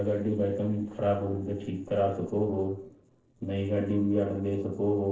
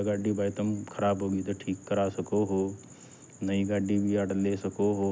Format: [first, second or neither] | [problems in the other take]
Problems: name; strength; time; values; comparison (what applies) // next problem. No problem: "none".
second | noise reduction (neural separator model SepFormer DNS4)